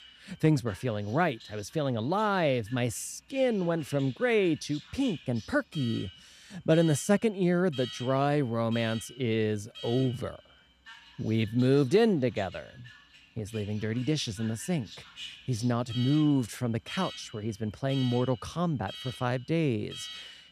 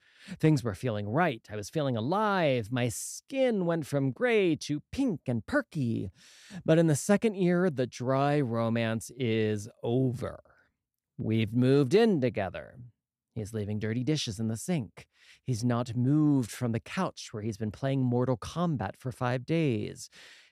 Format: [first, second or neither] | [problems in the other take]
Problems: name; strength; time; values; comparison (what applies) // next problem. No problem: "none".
second | alarms or sirens; noticeable; throughout; 15 dB below the speech